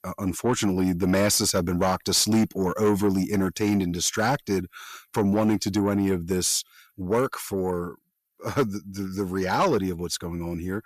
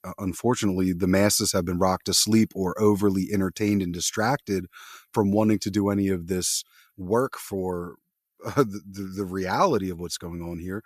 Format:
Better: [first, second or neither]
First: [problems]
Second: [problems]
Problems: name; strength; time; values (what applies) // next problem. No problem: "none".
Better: second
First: distortion; slight; 10 dB below the speech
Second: none